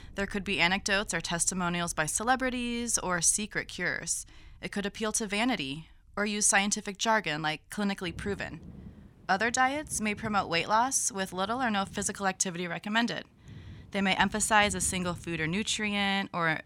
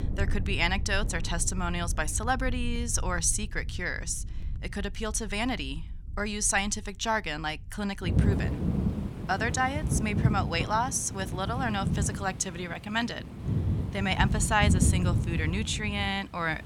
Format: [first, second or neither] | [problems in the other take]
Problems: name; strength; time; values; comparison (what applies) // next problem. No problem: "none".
first | rain or running water; loud; throughout; 2 dB below the speech; faint in the first